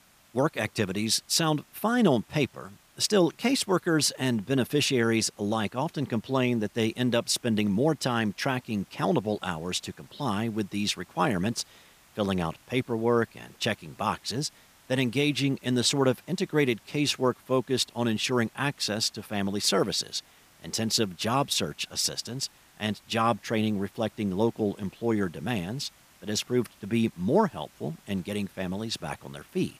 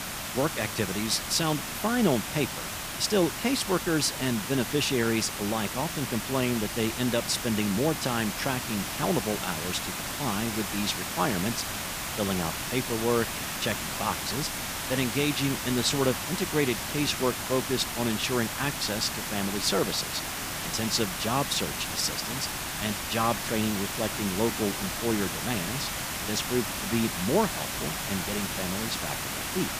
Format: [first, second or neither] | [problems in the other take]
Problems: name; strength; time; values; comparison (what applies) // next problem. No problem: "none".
first | hiss; loud; throughout; 2 dB below the speech; faint in the first